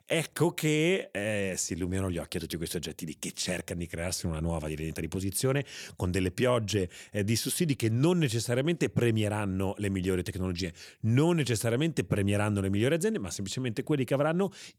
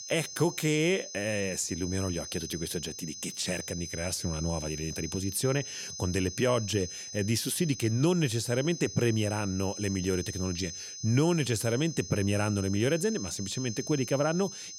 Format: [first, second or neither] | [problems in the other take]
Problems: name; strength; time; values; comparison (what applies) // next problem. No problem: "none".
first | high-pitched whine; loud; throughout; 6 kHz, 9 dB below the speech